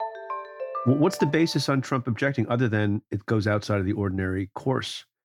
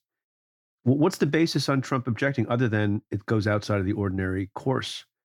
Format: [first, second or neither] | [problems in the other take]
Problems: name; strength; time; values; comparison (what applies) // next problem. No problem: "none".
second | phone ringing; noticeable; until 1.5 s; peak 7 dB below the speech